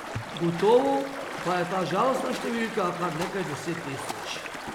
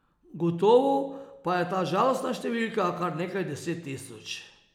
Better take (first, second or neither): second